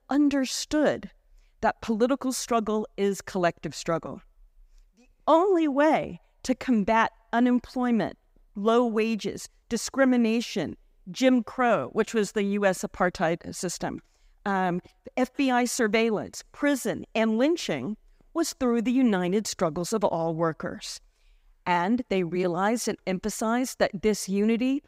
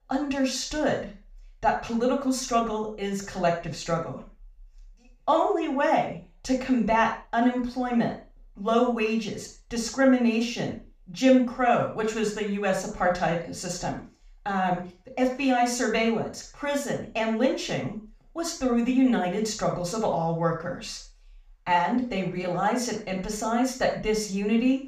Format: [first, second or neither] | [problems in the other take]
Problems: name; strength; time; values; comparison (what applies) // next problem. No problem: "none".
first | room echo; noticeable; dies away in 0.4 s // off-mic speech; far